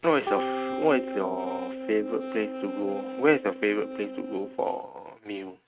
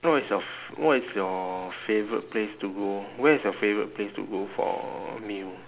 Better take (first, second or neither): second